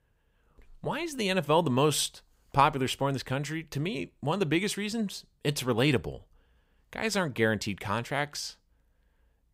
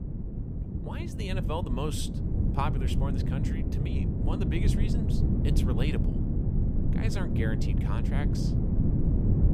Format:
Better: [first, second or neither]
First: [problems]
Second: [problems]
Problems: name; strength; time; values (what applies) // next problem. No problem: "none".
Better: first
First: none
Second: wind noise on the microphone; heavy; 1 dB below the speech